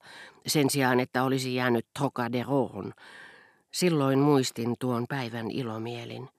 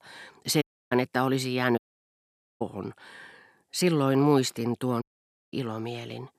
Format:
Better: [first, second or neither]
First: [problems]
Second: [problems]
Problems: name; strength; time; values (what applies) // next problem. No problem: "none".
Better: first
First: none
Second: audio cutting out; at 0.5 s, at 2 s for 1 s and at 5 s for 0.5 s